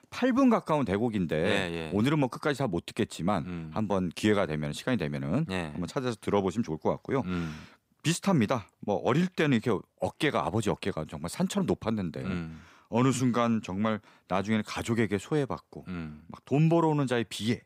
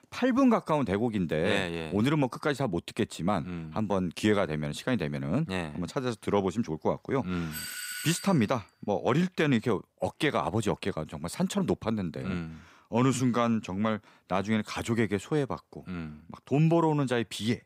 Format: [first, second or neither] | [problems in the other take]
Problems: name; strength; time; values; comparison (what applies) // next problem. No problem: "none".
first | doorbell; noticeable; at 7.5 s; peak 6 dB below the speech